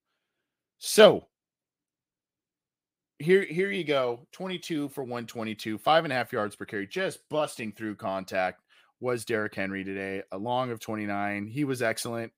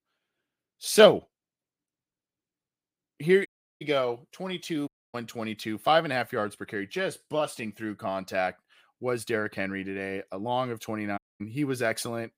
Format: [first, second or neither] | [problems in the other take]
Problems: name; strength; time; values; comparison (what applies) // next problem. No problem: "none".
first | audio cutting out; at 3.5 s, at 5 s and at 11 s